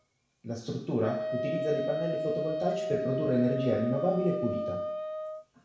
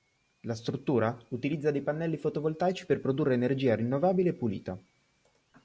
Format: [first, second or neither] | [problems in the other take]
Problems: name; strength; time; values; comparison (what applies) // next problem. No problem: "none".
second | background sound (Wind instrument, woodwind instrument); 3 dB below the speech // room echo; dies away in 0.7 s